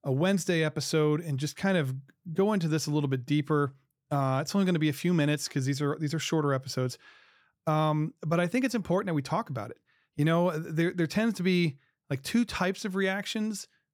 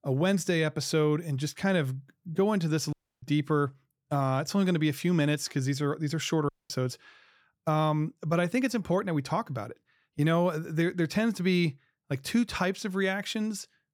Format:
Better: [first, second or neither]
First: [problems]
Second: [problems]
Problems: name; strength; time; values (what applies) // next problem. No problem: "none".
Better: first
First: none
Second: audio cutting out; at 3 s and at 6.5 s